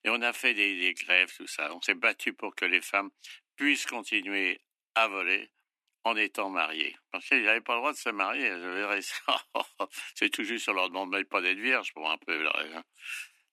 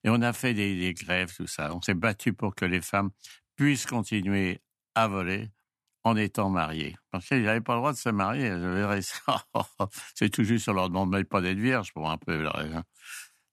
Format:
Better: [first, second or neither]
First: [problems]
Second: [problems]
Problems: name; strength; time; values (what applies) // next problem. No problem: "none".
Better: second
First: thin; somewhat; fading below 300 Hz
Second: none